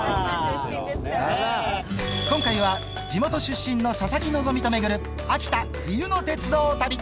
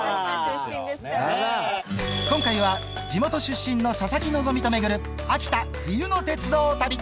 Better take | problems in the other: second | background sound (Thunder / Rain); 11 dB below the speech

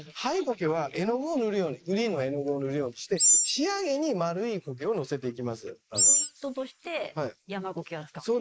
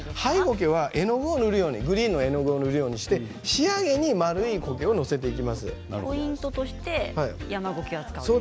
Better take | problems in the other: second | noise reduction (neural mask model Resemble Enhance denoiser)

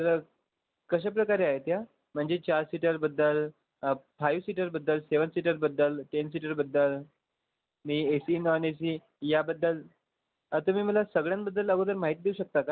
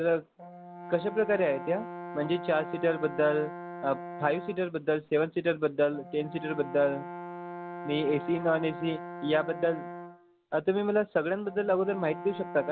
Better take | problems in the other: first | background sound (Brass instrument); 12 dB below the speech

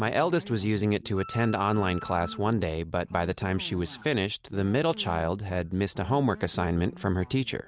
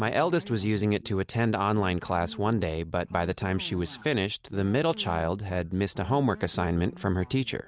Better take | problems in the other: second | background sound (Wind instrument, woodwind instrument); 15 dB below the speech

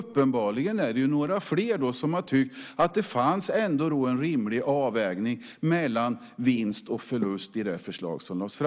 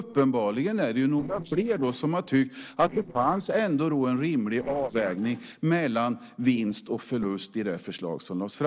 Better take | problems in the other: first | noise reduction (neural separator model SepFormer DNS4)

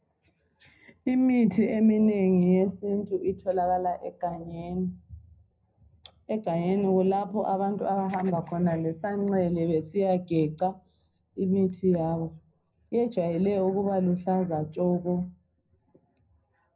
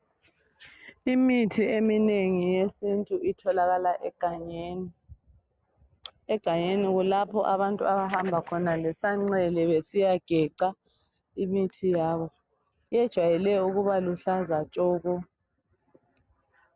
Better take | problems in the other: second | room echo; dies away in 0.4 s

